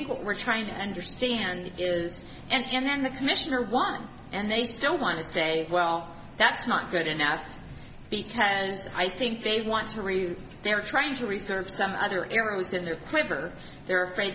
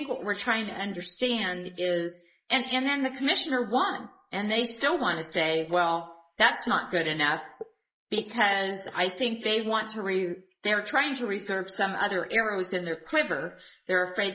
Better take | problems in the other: first | noise reduction (neural mask model Resemble Enhance denoiser)

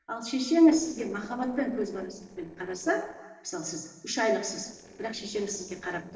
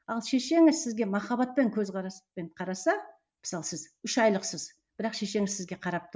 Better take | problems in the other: second | noise reduction (neural separator model SepFormer DNS4)

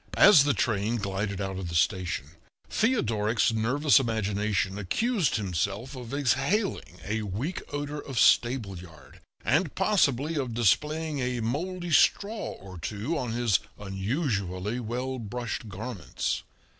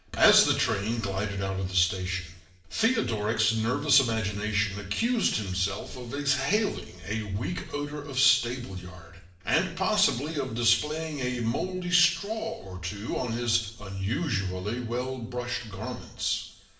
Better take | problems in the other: first | room echo; dies away in 0.9 s

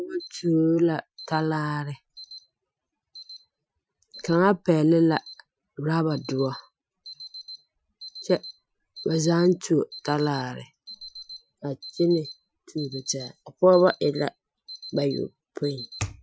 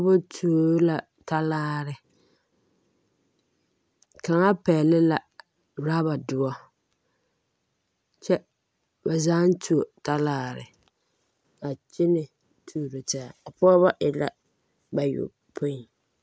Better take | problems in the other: second | noise reduction (classical method Wiener filter)

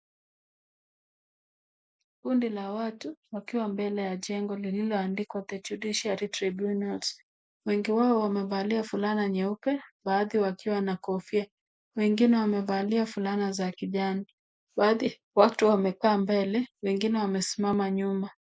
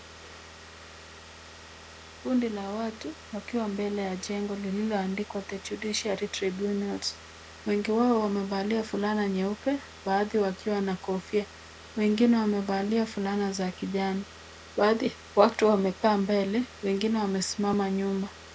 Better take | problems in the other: first | background sound (Car); 18 dB below the speech

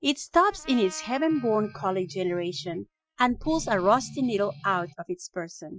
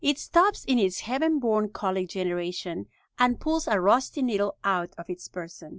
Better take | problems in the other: second | noise reduction (classical method Wiener filter)

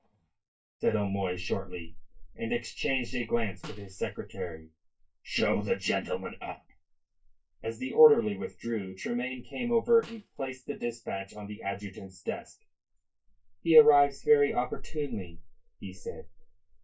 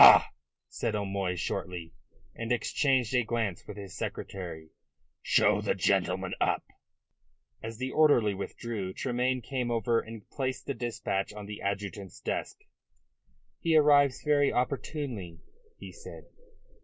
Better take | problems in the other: second | noise reduction (neural mask model DeepFilterNet 3)

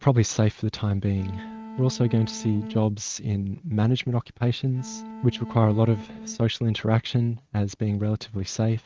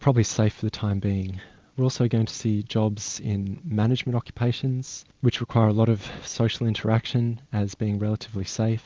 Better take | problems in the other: second | noise reduction (neural mask model RNNoise)

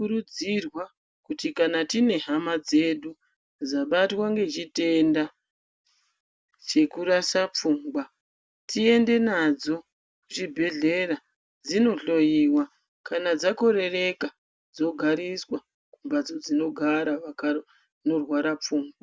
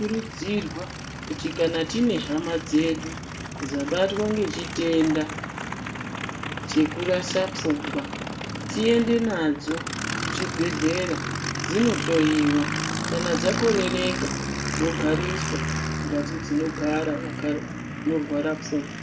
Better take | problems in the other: first | background sound (Aircraft); 4 dB below the speech // room echo; dies away in 0.4 s

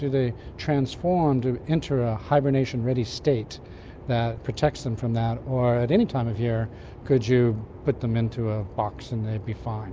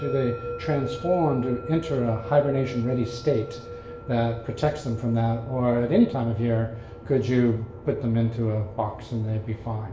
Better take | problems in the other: first | background sound (Musical instrument); 14 dB below the speech // room echo; dies away in 0.7 s

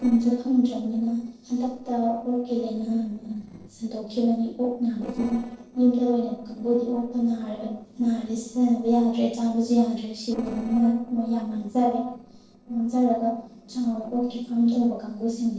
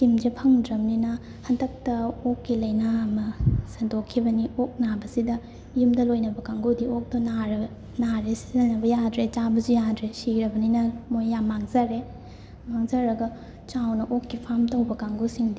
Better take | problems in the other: second | noise reduction (neural separator model SepFormer DNS4)

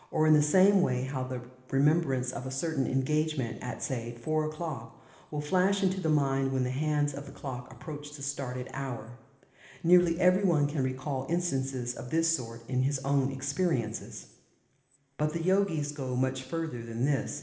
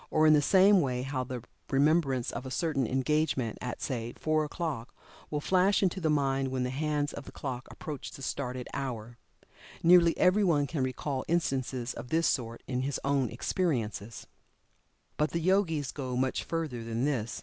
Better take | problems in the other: second | room echo; dies away in 1 s

